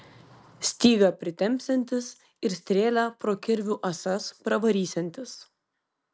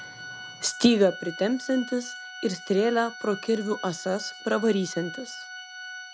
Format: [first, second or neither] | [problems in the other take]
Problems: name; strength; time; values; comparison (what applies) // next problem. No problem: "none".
first | background sound (Organ); 14 dB below the speech